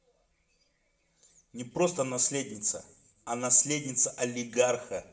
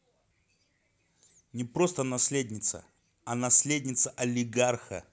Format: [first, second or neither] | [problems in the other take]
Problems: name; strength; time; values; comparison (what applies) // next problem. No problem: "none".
second | room echo; dies away in 0.7 s